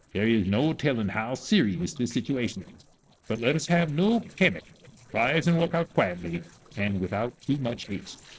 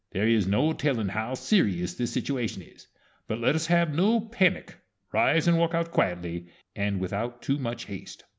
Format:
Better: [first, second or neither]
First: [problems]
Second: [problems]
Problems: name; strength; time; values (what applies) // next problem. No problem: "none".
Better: second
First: noise reduction (neural separator model SepFormer DNS4)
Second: none